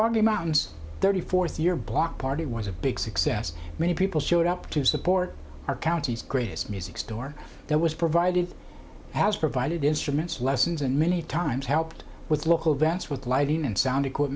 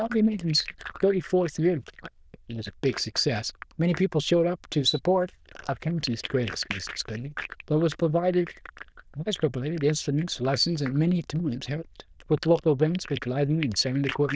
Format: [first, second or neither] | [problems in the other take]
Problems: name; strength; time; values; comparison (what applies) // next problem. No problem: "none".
first | noise reduction (neural diffusion model UNIVERSE++)